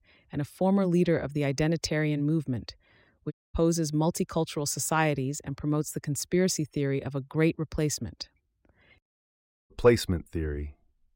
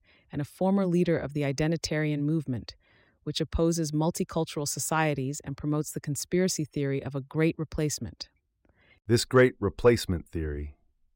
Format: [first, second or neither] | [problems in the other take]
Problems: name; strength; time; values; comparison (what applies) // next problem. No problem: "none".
second | audio cutting out; at 3.5 s and at 9 s for 0.5 s